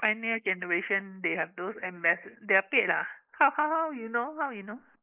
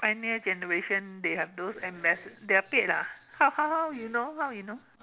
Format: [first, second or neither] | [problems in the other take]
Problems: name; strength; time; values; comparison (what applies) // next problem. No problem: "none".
second | noise reduction (neural mask model Resemble Enhance denoiser)